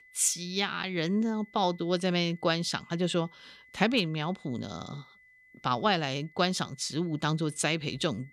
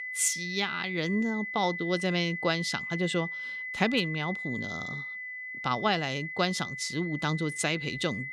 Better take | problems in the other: first | high-pitched whine; loud; throughout; 2 kHz, 5 dB below the speech; faint in the first

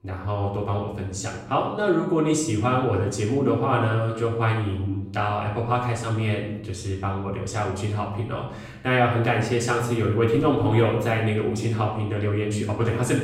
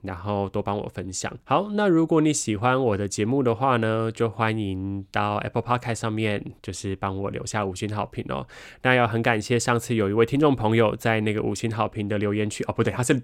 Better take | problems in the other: second | off-mic speech; far // room echo; noticeable; dies away in 0.8 s

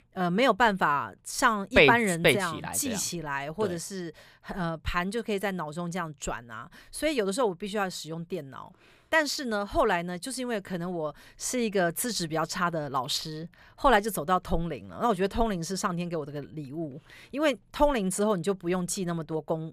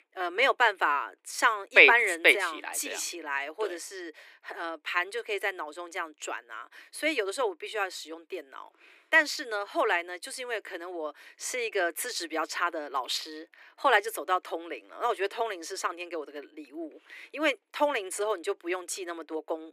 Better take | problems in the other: first | thin; very; fading below 300 Hz

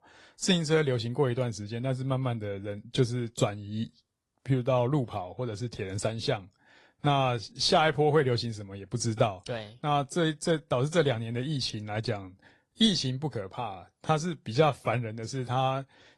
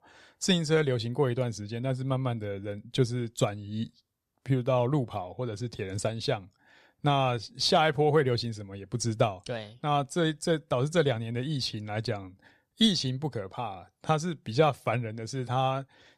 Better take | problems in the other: second | garbled, watery; slightly

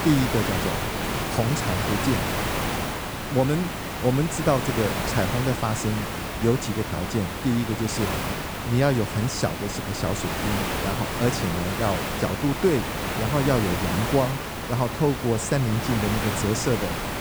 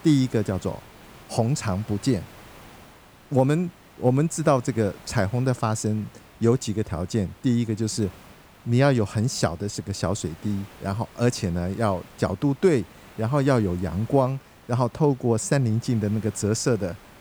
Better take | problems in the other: second | hiss; loud; throughout; 2 dB below the speech; faint in the second

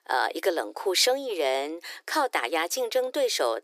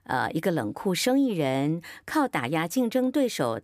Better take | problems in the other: second | thin; very; fading below 350 Hz

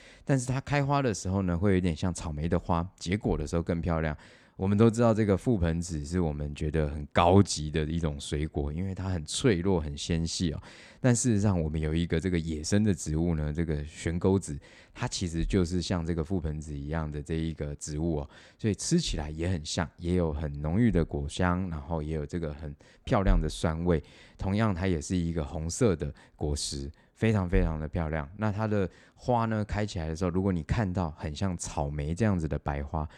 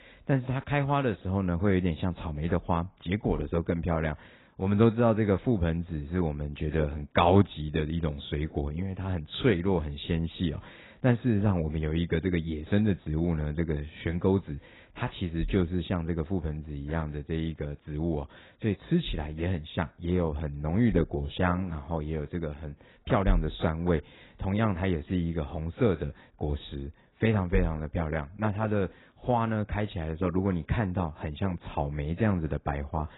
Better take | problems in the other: first | garbled, watery; badly; nothing above 4 kHz

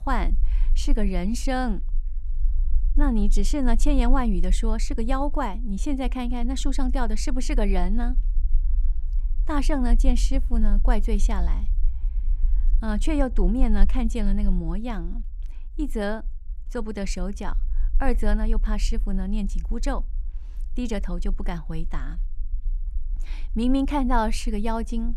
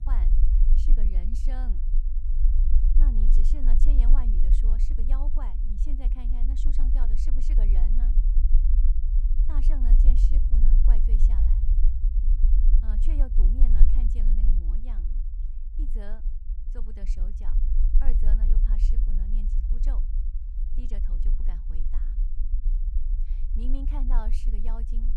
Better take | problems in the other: first | low rumble; loud; throughout; 2 dB below the speech; faint in the first

